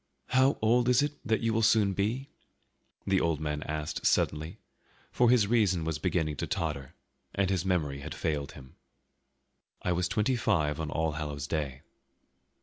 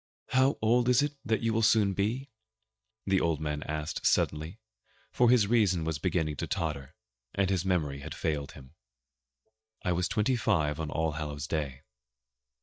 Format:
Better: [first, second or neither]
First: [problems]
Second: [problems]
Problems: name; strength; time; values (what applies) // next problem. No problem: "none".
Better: first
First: none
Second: noise reduction (neural mask model DeepFilterNet 3)